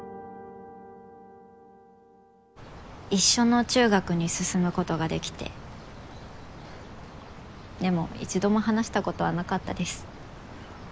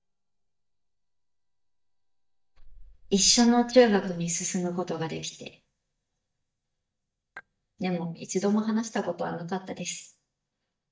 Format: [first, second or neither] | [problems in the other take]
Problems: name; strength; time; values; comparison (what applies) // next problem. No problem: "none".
first | noise reduction (neural mask model DeepFilterNet 3)